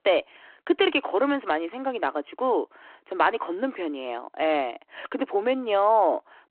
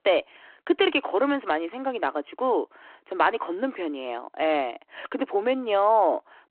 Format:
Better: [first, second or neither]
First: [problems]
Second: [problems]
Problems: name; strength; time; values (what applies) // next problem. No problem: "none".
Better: neither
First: phone-call audio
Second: phone-call audio